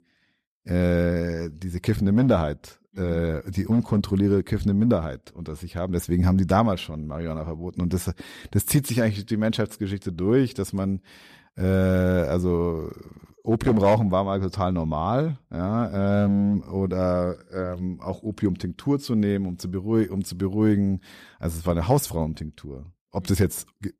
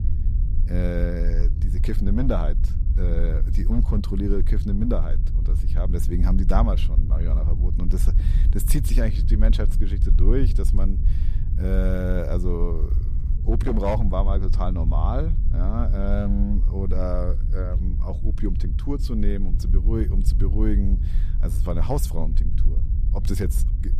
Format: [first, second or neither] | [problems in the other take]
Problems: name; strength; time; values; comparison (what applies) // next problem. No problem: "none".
first | low rumble; noticeable; throughout; 10 dB below the speech